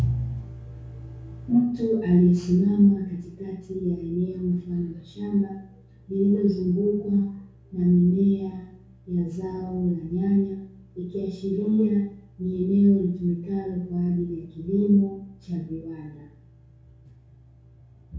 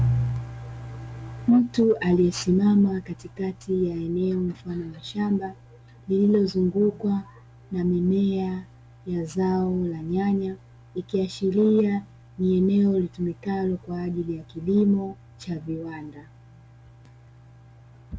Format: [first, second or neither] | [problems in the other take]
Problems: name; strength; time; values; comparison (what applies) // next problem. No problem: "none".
second | room echo; dies away in 0.6 s